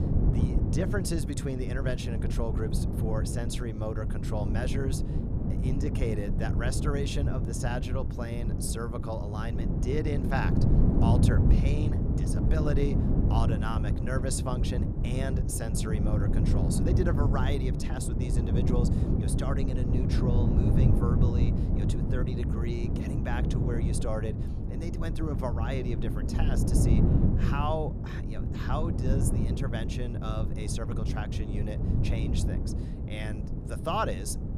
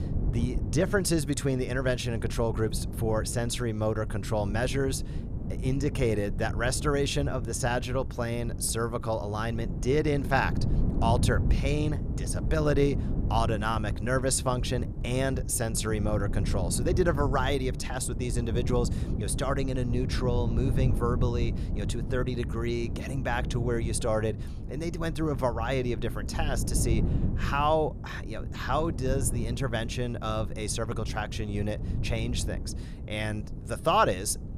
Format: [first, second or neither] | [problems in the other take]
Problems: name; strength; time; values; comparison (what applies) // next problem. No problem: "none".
second | wind noise on the microphone; heavy; 2 dB below the speech; occasional gusts in the second